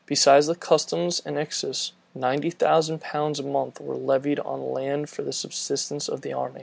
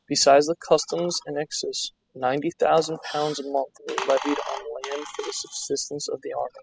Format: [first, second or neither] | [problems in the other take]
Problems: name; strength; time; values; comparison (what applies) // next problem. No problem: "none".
first | noise reduction (classical method spectral subtraction)